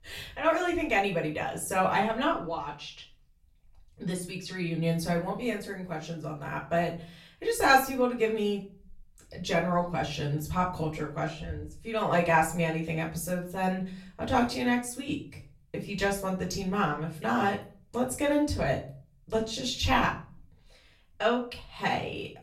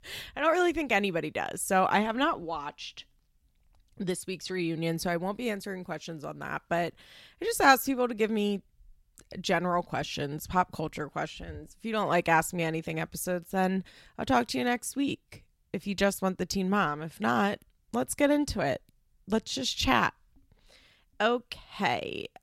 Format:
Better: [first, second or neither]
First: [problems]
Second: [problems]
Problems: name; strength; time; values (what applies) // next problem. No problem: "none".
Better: second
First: off-mic speech; far // room echo; slight; dies away in 0.4 s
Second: none